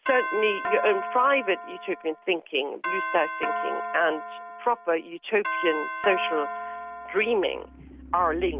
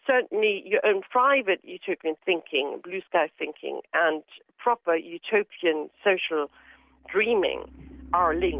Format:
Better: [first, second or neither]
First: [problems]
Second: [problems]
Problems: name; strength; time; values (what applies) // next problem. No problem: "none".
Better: second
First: background sound (Doorbell); 5 dB below the speech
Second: none